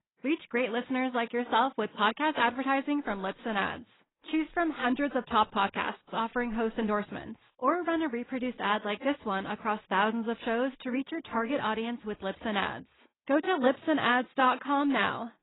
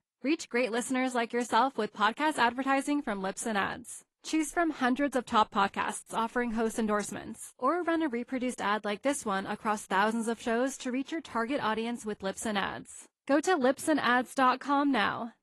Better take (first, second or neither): second